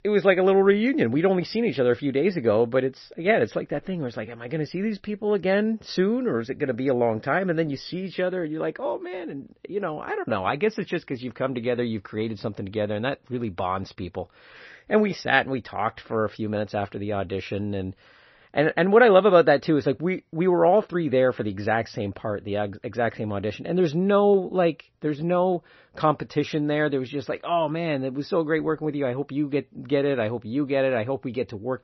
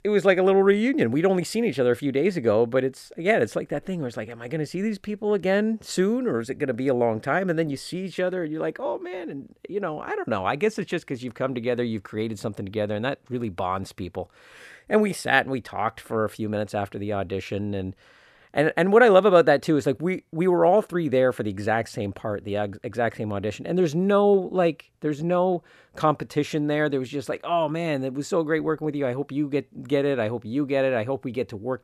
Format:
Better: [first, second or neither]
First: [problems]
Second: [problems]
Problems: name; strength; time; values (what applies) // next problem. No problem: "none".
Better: second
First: garbled, watery; slightly; nothing above 6 kHz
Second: none